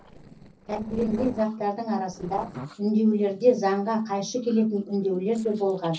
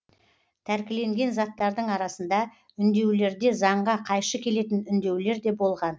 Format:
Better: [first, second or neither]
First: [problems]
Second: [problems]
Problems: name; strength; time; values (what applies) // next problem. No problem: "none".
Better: second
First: noise reduction (neural separator model SepFormer DNS4)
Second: none